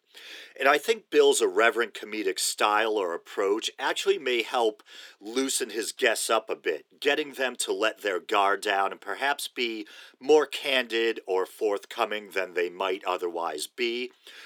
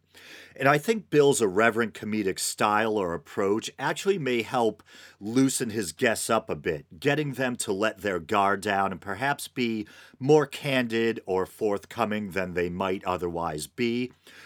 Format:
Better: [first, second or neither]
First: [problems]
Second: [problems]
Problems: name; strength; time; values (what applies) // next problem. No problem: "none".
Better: second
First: thin; somewhat; fading below 350 Hz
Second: none